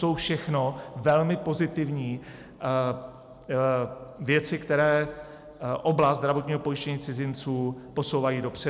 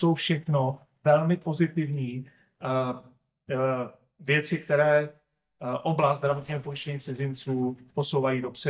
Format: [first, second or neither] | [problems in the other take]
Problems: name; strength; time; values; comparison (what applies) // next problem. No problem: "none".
first | noise reduction (neural mask model DeepFilterNet 3)